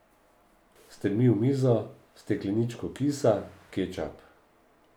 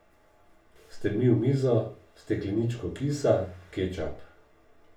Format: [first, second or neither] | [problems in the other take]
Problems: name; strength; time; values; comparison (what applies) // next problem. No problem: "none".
first | room echo; dies away in 0.2 s